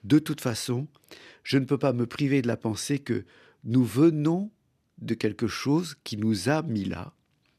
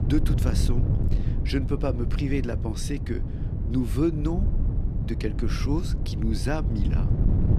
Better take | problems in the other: first | wind noise on the microphone; heavy; 7 dB below the speech

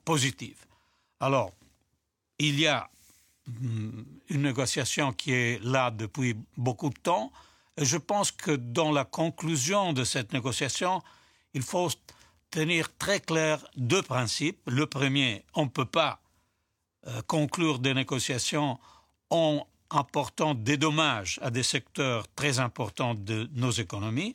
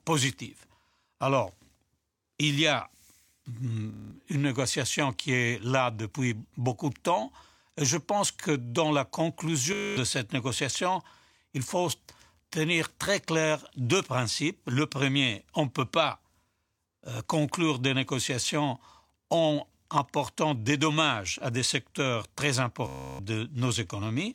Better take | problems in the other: first | audio freezing; at 4 s, at 9.5 s and at 23 s

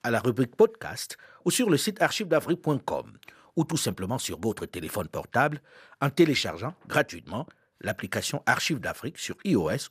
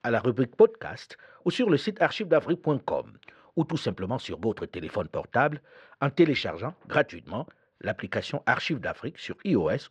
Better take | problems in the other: first | muffled; slightly; fading above 3.5 kHz

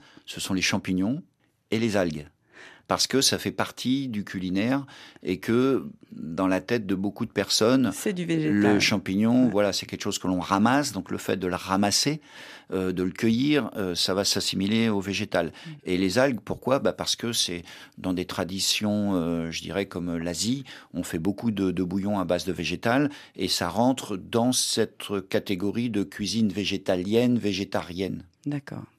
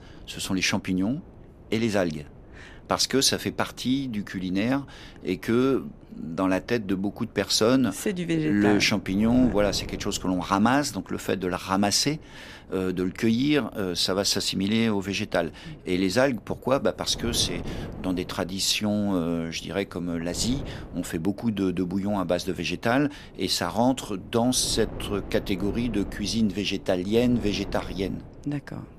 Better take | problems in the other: first | wind noise on the microphone; occasional gusts; 20 dB below the speech

